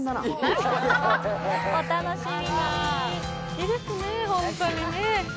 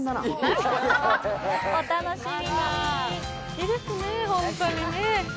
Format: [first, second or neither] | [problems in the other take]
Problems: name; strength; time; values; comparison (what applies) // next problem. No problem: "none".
second | background sound (Wind instrument, woodwind instrument); 11 dB below the speech